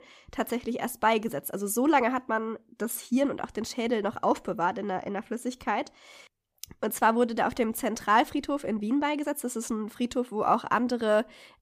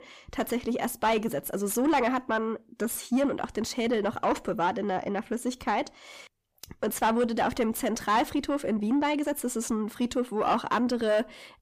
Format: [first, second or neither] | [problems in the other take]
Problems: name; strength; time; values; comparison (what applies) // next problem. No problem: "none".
first | distortion; slight; 10 dB below the speech